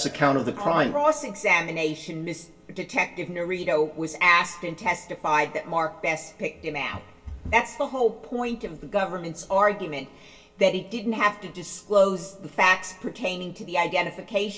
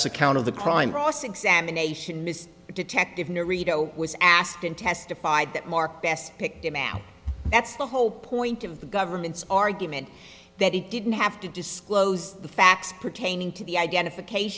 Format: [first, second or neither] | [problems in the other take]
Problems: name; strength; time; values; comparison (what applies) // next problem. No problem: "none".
second | room echo; dies away in 0.2 s